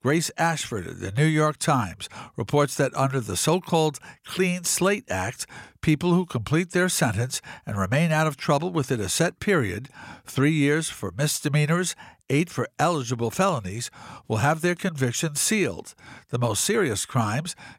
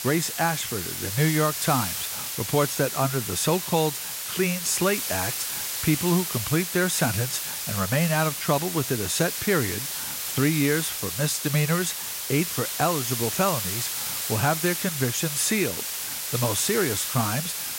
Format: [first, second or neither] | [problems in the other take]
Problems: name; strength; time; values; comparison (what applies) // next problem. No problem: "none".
first | hiss; loud; throughout; 3 dB below the speech